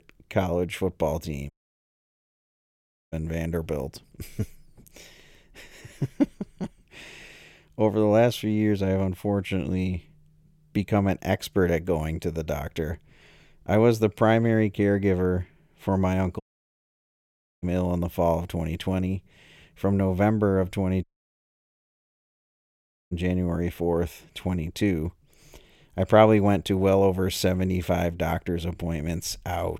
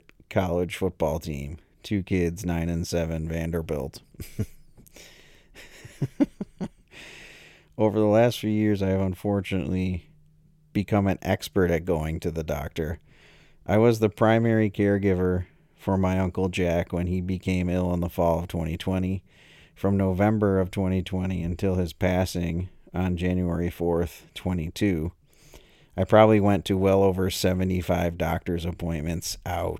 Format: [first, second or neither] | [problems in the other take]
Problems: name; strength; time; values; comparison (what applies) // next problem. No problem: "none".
second | audio cutting out; at 1.5 s for 1.5 s, at 16 s for 1 s and at 21 s for 2 s